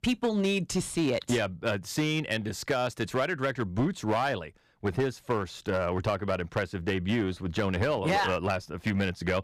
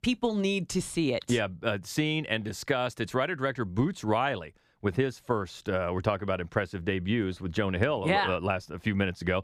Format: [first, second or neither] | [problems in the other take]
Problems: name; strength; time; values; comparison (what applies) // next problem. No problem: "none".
second | distortion; slight; 5% of the sound clipped